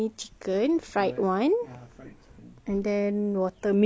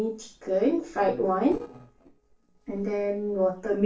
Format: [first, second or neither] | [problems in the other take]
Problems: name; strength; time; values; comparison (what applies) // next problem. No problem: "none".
first | noise reduction (neural separator model SepFormer DNS4)